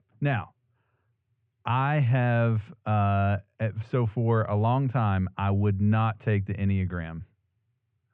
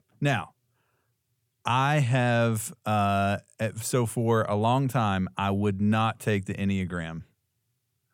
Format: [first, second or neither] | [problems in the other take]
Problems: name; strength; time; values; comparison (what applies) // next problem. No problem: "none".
second | muffled; very; fading above 2.5 kHz